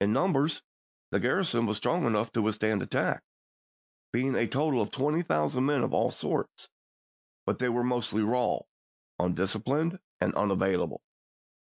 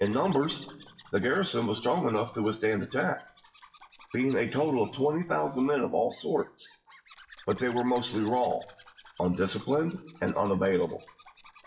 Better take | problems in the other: first | noise reduction (classical method WPE with log-MMSE)

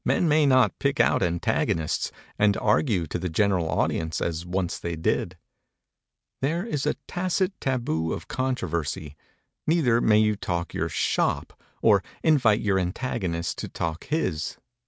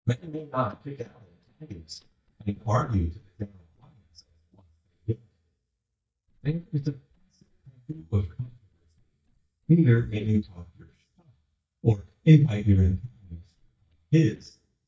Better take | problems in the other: first | noise reduction (neural mask model DeepFilterNet 3)

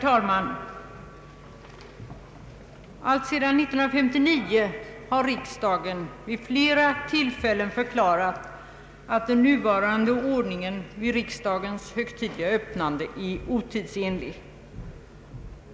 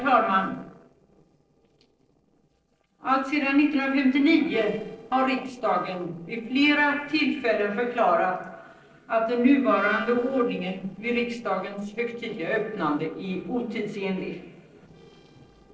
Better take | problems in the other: first | noise reduction (neural separator model SepFormer DNS4)

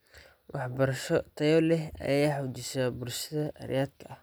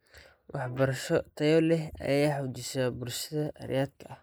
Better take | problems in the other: first | noise reduction (neural mask model Resemble Enhance denoiser)

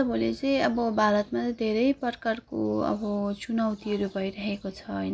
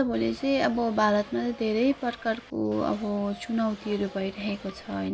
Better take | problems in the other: first | background sound (Subway, metro, underground / Doorbell); 20 dB below the speech

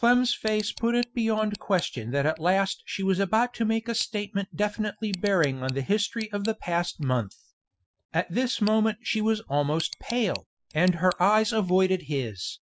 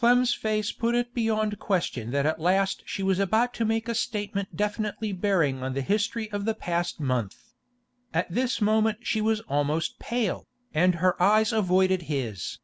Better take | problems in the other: second | noise reduction (classical method Wiener filter)

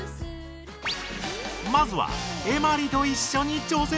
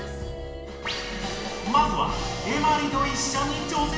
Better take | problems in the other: first | background sound (Wind instrument, woodwind instrument); 12 dB below the speech // room echo; dies away in 1 s

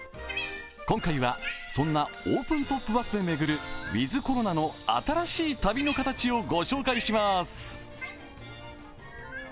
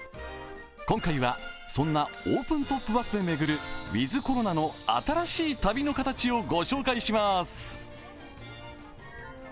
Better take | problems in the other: second | background sound (Cat); 14 dB below the speech

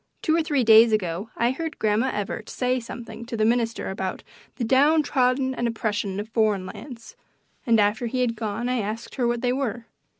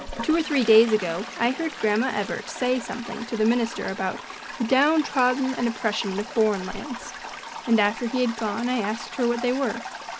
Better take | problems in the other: first | background sound (Toilet flush); 12 dB below the speech

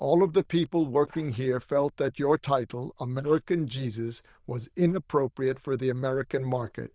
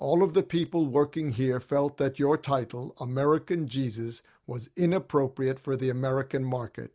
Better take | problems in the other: second | noise reduction (neural diffusion model UNIVERSE++)

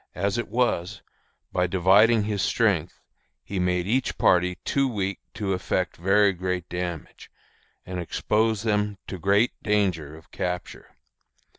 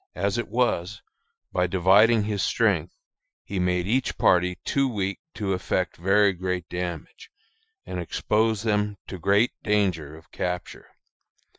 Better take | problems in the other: first | noise reduction (classical method Wiener filter)

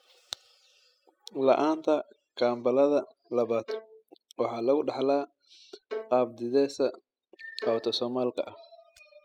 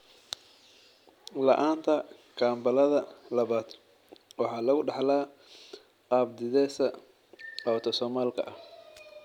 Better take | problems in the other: second | noise reduction (classical method spectral subtraction)

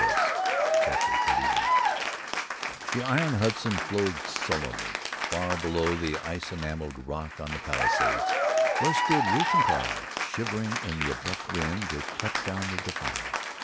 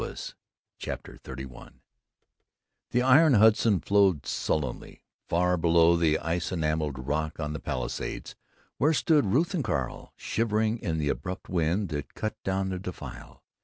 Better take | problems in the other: second | background sound (Applause / Cheering); 4 dB above the speech

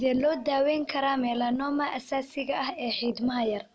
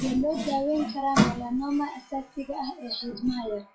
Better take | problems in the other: first | noise reduction (classical method WPE with log-MMSE)

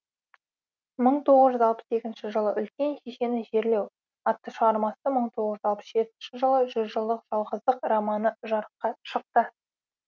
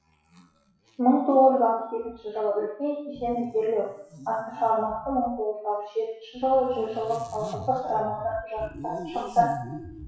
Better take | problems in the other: first | noise reduction (classical method WPE with log-MMSE)

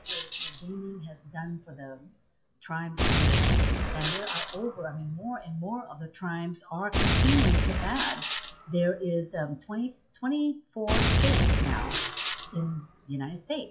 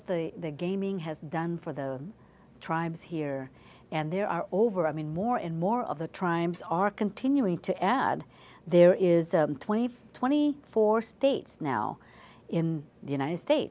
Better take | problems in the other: second | noise reduction (classical method WPE with log-MMSE)

